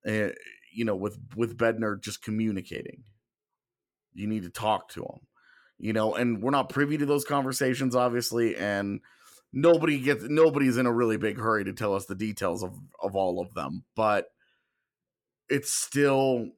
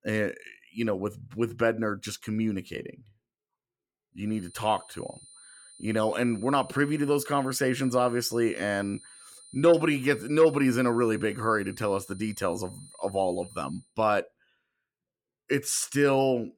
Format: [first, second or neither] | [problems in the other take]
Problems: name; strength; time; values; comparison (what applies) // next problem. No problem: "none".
first | high-pitched whine; faint; from 4.5 to 14 s; 9.5 kHz, 20 dB below the speech